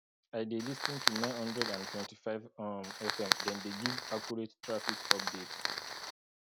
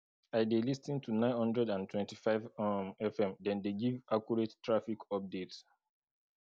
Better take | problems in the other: second | background sound (Fire); 4 dB above the speech

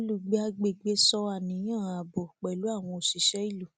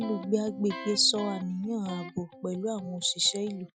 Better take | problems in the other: first | noise reduction (classical method Wiener filter)

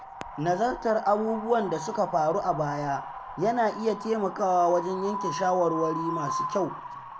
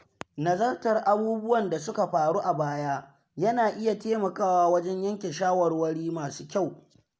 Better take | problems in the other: second | background sound (Wind); 9 dB below the speech

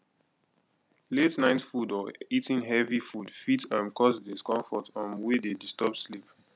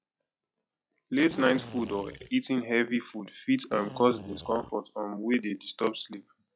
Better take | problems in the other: first | noise reduction (classical method log-MMSE)

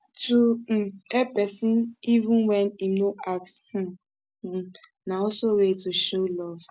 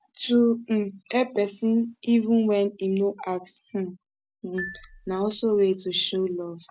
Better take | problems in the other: first | background sound (Marimba, xylophone); 17 dB below the speech

